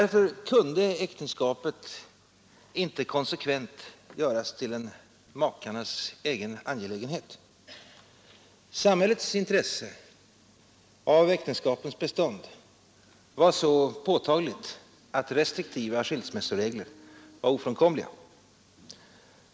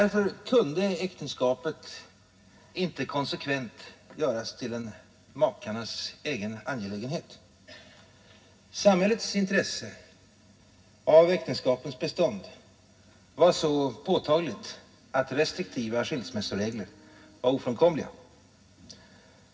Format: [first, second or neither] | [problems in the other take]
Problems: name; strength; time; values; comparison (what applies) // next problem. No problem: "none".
first | room echo; dies away in 0.4 s